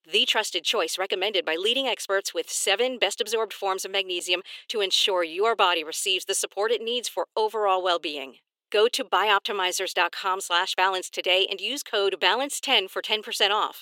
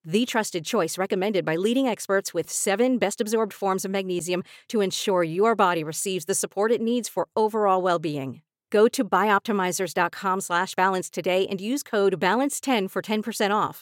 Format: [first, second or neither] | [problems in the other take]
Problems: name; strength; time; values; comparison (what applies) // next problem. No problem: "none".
second | thin; somewhat; fading below 350 Hz